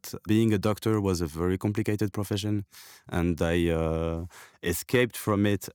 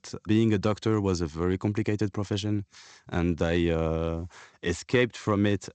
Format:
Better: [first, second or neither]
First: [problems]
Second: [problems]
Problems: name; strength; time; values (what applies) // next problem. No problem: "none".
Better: first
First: none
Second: garbled, watery; slightly; nothing above 8 kHz